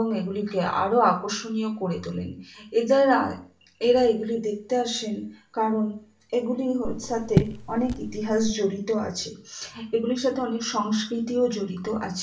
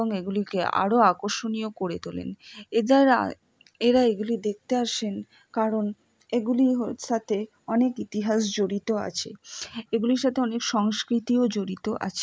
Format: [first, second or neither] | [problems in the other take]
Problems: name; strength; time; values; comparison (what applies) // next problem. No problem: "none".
second | background sound (Raindrop / Drip); 3 dB below the speech // room echo; dies away in 0.3 s